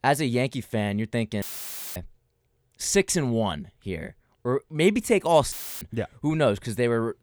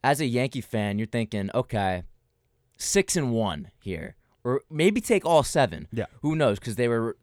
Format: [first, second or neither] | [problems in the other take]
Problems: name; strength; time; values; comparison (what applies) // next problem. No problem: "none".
second | audio cutting out; filled with static; at 1.5 s for 0.5 s and at 5.5 s